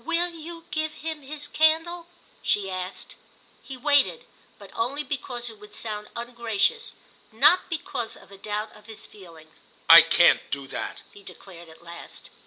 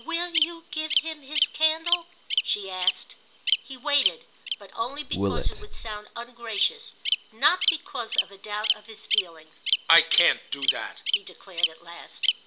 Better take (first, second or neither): first